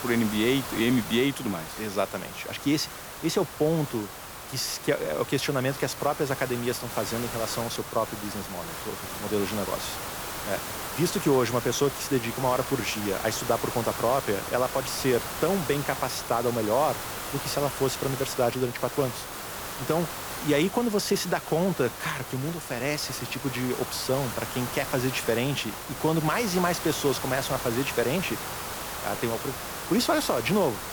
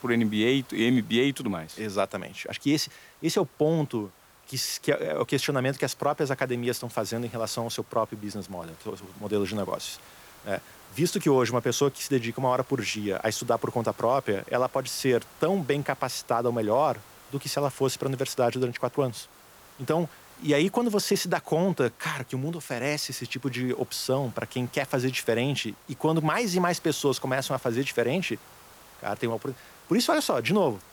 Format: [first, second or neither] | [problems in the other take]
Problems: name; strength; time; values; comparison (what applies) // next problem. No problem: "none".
second | hiss; loud; throughout; 7 dB below the speech; faint in the second